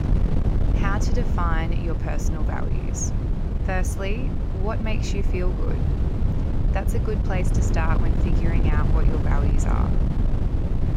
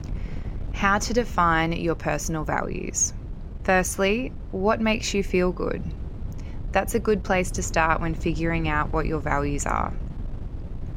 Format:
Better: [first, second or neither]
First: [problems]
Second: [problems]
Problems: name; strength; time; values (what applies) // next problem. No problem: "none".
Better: second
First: wind noise on the microphone; heavy; 3 dB below the speech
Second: wind noise on the microphone; occasional gusts; 20 dB below the speech